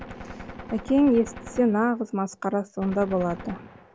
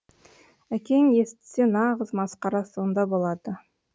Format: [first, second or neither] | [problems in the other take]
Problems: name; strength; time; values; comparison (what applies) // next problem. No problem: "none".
second | background sound (Gunshot, gunfire); 15 dB below the speech